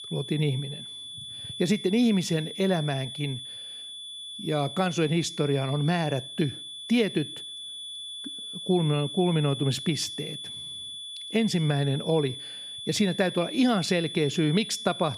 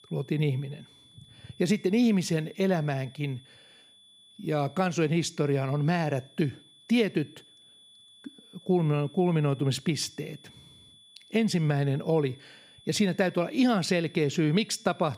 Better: second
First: high-pitched whine; loud; throughout; 3.5 kHz, 9 dB below the speech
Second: high-pitched whine; faint; throughout; 3.5 kHz, 25 dB below the speech

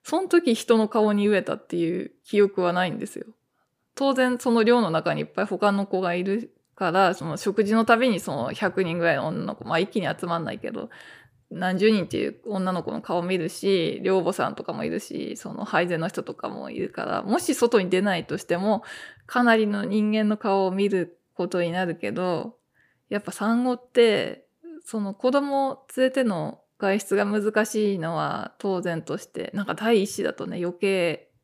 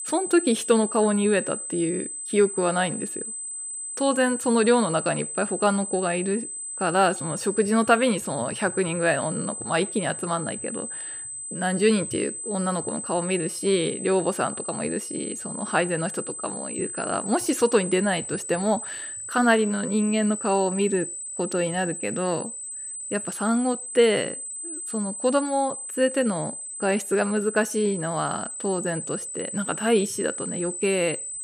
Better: first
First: none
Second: high-pitched whine; loud; throughout; 8 kHz, 7 dB below the speech

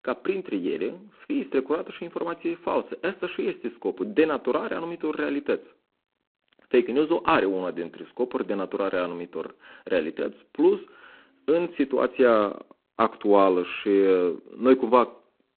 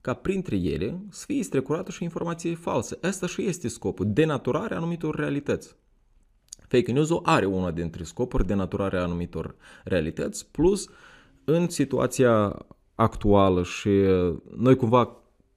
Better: second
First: phone-call audio; poor line; nothing above 4 kHz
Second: none

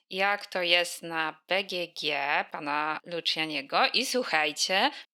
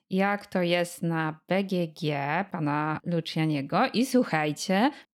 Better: second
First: thin; somewhat; fading below 500 Hz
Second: none

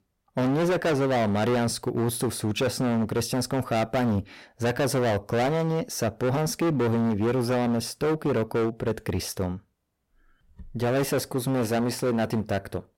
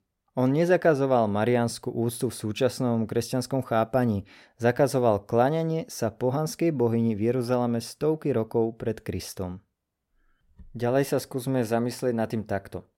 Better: second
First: distortion; heavy; 20% of the sound clipped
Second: none

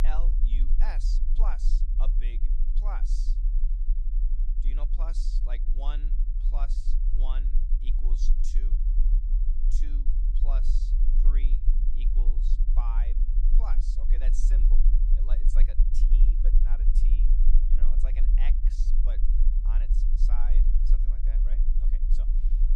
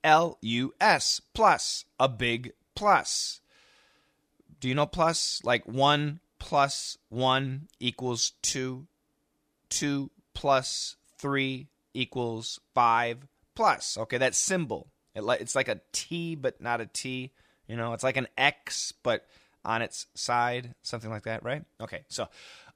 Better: second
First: low rumble; loud; throughout; 5 dB below the speech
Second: none

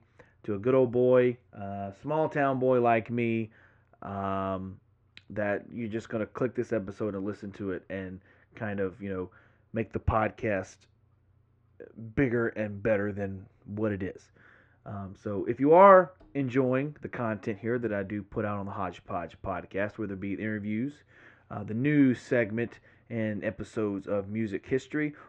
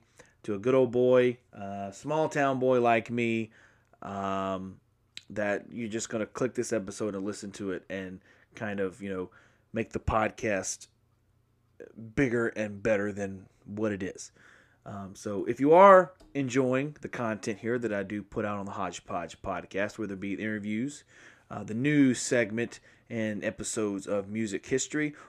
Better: second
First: muffled; very; fading above 2.5 kHz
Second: none

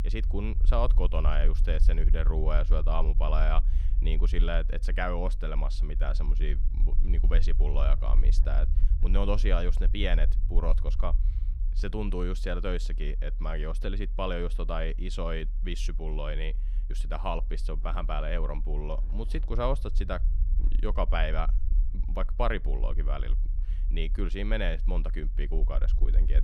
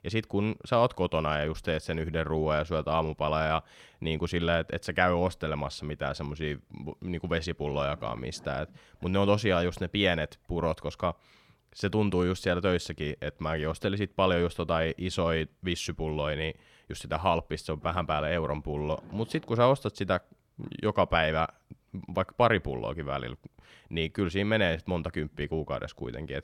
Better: second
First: low rumble; noticeable; throughout; 15 dB below the speech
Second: none

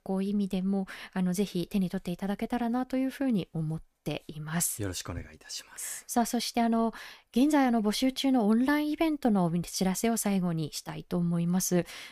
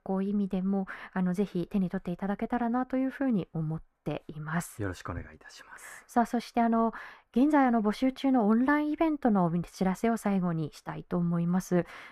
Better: first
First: none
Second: muffled; very; fading above 2.5 kHz

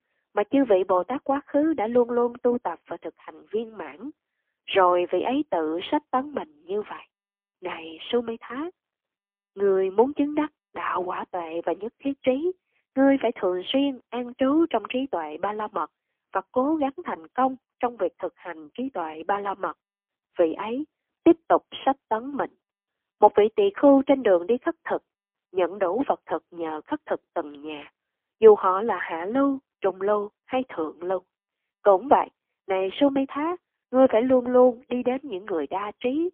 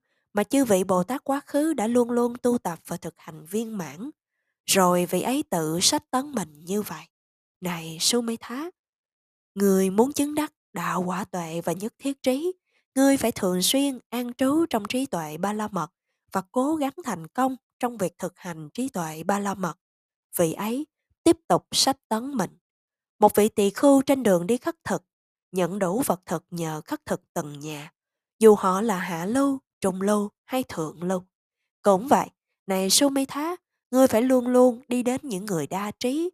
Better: second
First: phone-call audio; poor line; nothing above 3.5 kHz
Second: none

